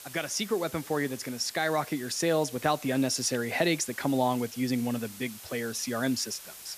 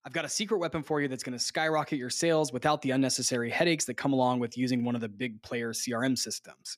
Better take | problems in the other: second | hiss; noticeable; throughout; 15 dB below the speech

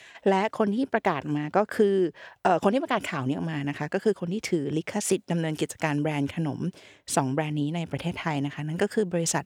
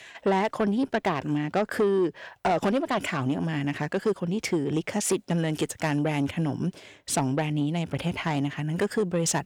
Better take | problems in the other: first | distortion; slight; 10 dB below the speech

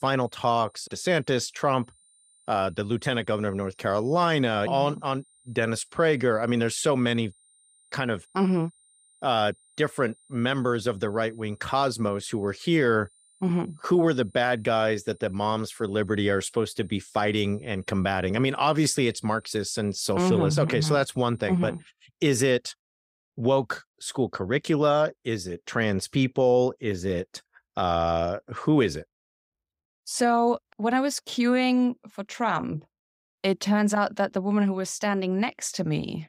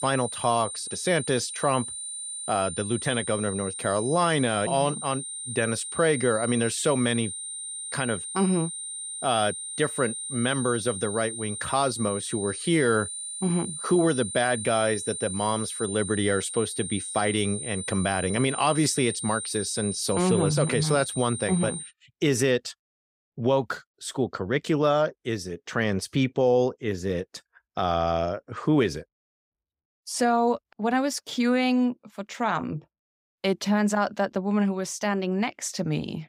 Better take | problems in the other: first | high-pitched whine; loud; until 22 s; 9 kHz, 6 dB below the speech; faint in the first

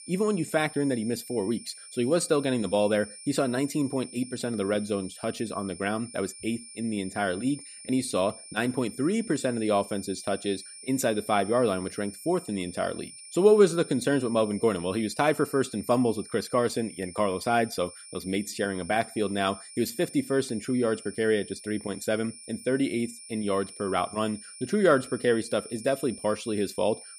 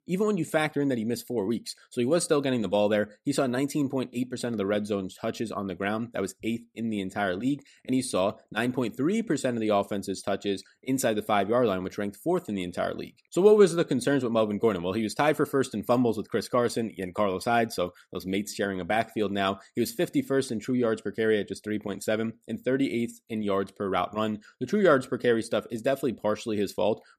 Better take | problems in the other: second | high-pitched whine; noticeable; throughout; 9.5 kHz, 15 dB below the speech

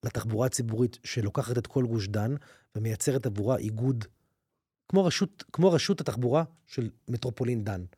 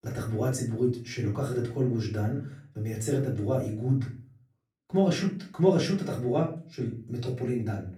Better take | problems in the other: first | off-mic speech; far // room echo; slight; dies away in 0.4 s

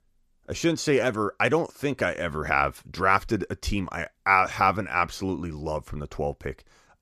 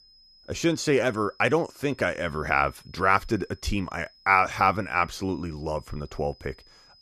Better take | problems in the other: first | high-pitched whine; faint; throughout; 5 kHz, 30 dB below the speech

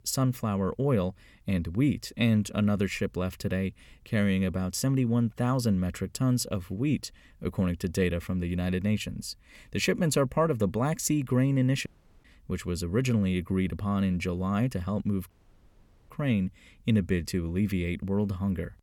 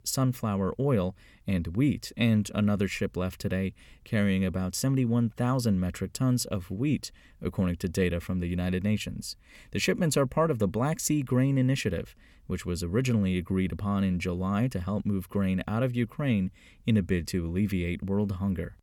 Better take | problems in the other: second | audio cutting out; at 12 s and at 15 s for 1 s

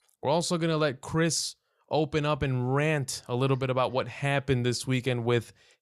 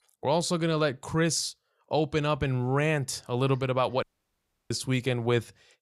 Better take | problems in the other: first | audio cutting out; at 4 s for 0.5 s

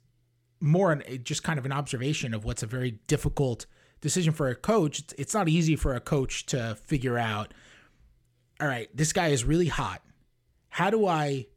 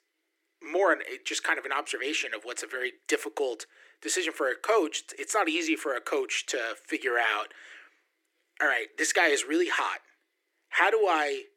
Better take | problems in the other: first | thin; very; fading below 300 Hz

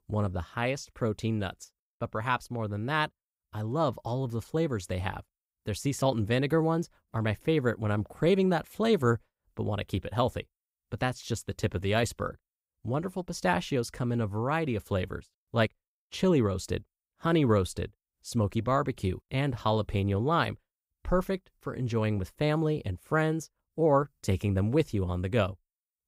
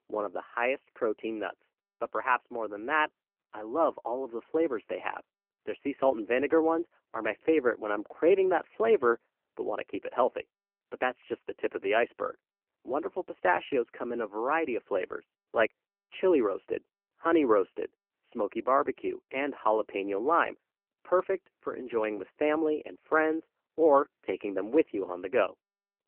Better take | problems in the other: first | phone-call audio; nothing above 3 kHz

